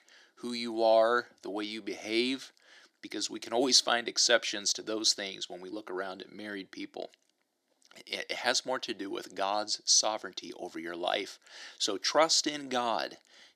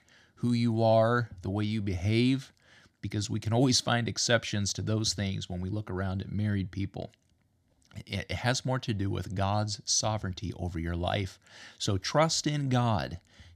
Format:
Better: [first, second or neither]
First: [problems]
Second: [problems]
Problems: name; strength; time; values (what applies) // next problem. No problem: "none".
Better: second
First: thin; somewhat; fading below 350 Hz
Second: none